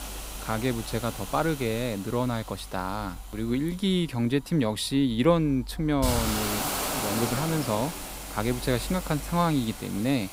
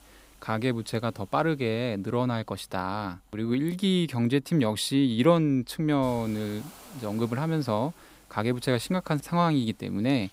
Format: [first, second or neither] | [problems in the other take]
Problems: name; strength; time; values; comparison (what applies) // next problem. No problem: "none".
second | hiss; loud; throughout; 6 dB below the speech; faint in the second